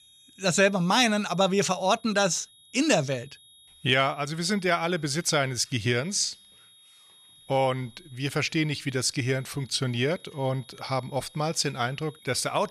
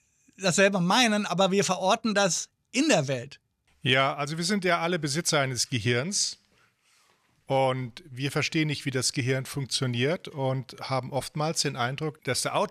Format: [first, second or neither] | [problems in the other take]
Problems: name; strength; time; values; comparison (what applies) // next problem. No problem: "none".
second | high-pitched whine; faint; throughout; 3.5 kHz, 25 dB below the speech